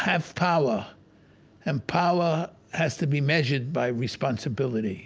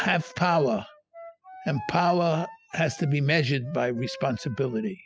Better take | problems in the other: first | noise reduction (classical method spectral subtraction)

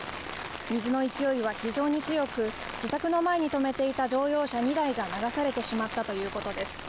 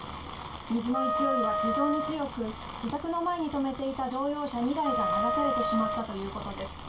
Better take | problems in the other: first | background sound (Wind instrument, woodwind instrument); as loud as the speech // room echo; dies away in 0.2 s

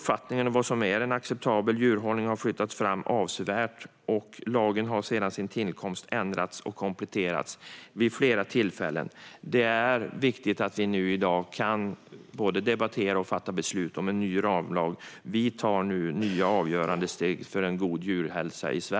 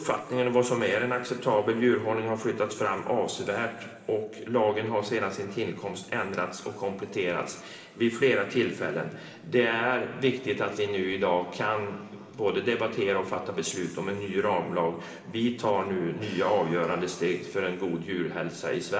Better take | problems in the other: first | room echo; dies away in 2.9 s

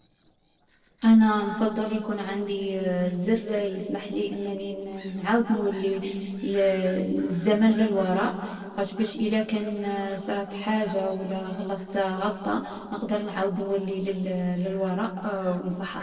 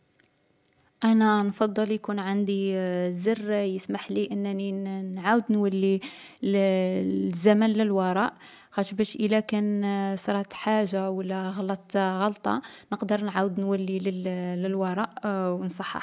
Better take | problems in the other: second | noise reduction (neural separator model SepFormer DNS4)

